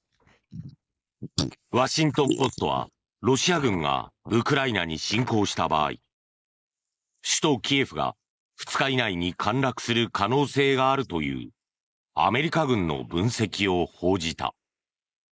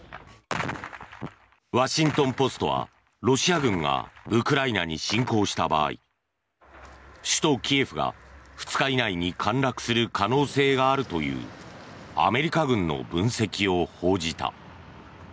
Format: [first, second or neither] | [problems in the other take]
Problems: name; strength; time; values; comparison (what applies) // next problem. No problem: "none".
second | noise reduction (neural mask model Resemble Enhance denoiser)